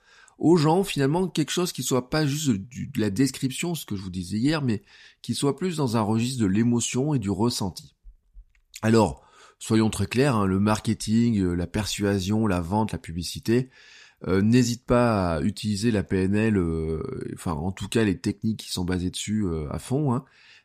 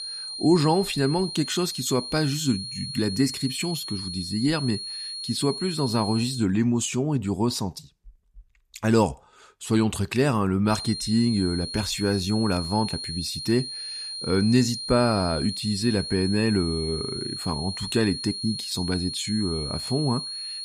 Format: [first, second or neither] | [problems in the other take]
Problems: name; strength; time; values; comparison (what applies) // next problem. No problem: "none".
first | high-pitched whine; loud; until 6.5 s and from 11 s on; 4.5 kHz, 6 dB below the speech